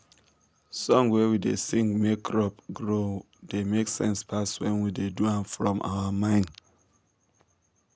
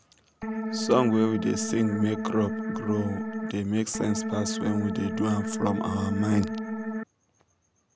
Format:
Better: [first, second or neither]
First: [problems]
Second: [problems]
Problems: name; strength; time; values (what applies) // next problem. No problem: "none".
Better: first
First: none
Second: background sound (Organ); 3 dB below the speech